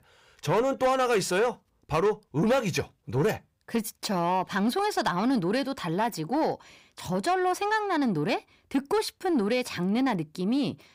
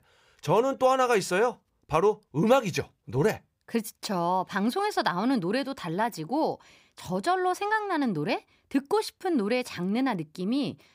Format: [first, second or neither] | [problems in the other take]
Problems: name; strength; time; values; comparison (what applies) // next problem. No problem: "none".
second | distortion; slight; 10 dB below the speech